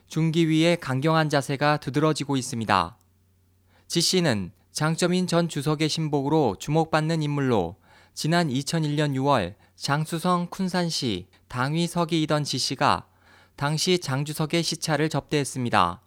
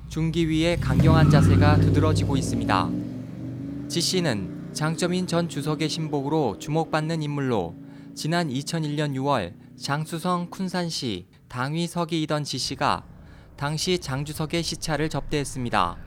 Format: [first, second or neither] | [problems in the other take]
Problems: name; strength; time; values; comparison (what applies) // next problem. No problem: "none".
first | traffic noise; very loud; throughout; 1 dB above the speech